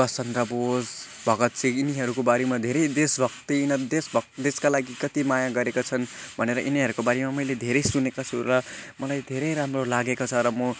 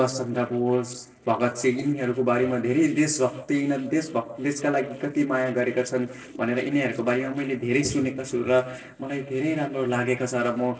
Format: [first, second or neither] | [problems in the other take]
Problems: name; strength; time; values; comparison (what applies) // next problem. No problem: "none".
first | noise reduction (neural separator model SepFormer DNS4)